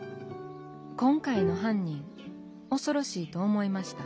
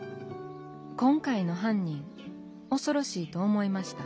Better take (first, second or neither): second